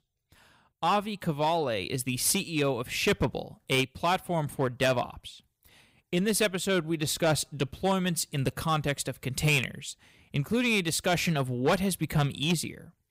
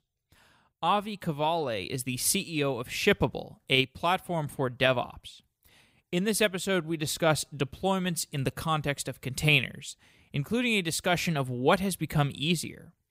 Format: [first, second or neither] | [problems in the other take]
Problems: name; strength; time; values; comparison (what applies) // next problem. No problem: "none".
second | distortion; slight; 4% of the sound clipped